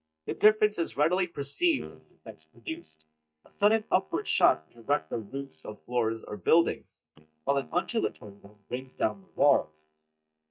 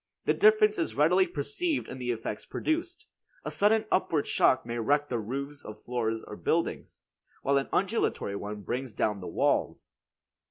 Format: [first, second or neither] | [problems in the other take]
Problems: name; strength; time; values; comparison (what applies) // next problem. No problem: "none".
second | noise reduction (neural mask model DeepFilterNet 3)